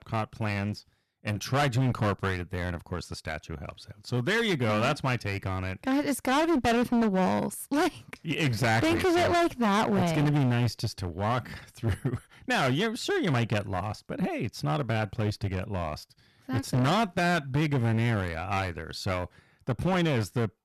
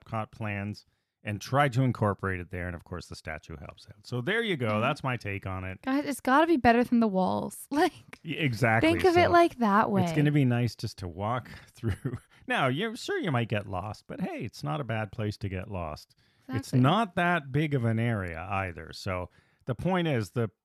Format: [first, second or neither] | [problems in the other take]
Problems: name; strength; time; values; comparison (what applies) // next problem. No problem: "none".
second | distortion; heavy; 16% of the sound clipped